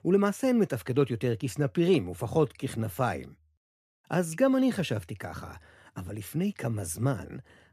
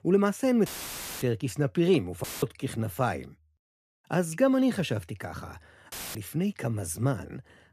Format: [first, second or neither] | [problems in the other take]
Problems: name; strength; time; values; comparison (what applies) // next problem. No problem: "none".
first | audio cutting out; filled with static; at 0.5 s for 0.5 s, at 2 s and at 6 s